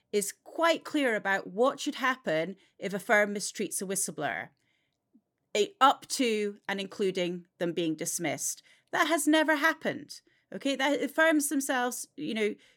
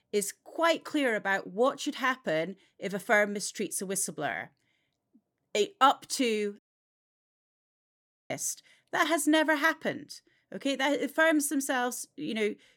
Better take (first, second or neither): first